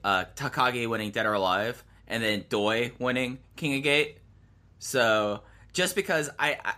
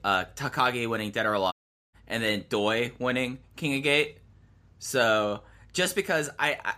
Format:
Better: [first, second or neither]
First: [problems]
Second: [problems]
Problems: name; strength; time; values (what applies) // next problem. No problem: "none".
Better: first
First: none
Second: audio cutting out; at 1.5 s